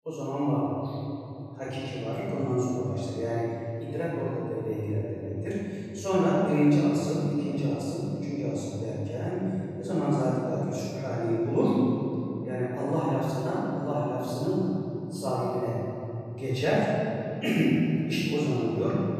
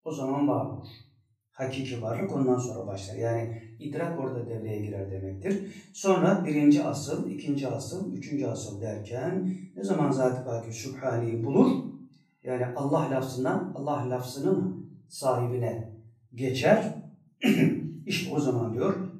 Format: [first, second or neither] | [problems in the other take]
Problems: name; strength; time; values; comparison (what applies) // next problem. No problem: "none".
second | room echo; strong; dies away in 2.9 s; slight in the second // off-mic speech; far; far in the second